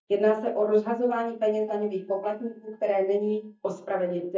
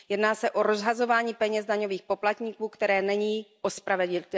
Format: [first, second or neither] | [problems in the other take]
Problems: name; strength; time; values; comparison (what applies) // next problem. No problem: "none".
second | noise reduction (neural mask model DeepFilterNet 3)